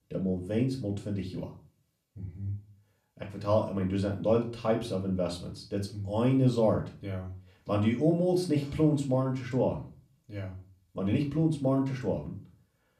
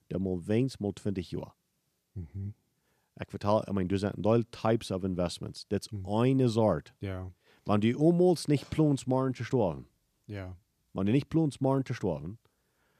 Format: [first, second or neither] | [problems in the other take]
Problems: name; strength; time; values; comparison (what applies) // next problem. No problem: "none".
second | off-mic speech; far // room echo; very slight; dies away in 0.3 s